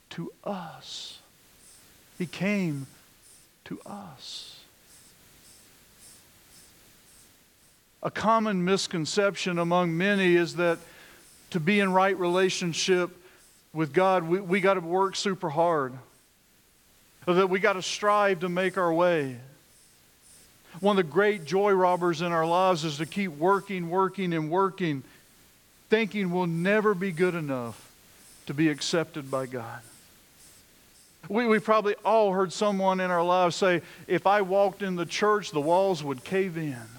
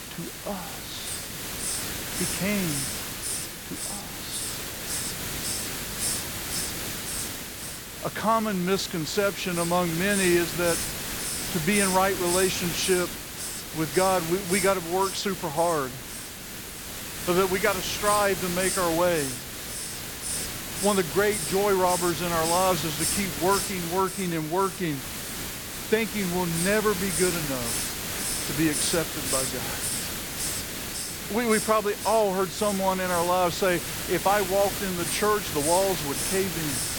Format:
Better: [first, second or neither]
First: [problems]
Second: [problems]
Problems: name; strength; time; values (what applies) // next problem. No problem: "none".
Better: first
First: hiss; faint; throughout; 30 dB below the speech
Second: hiss; loud; throughout; 3 dB below the speech